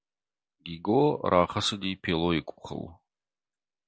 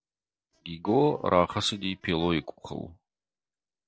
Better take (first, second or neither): first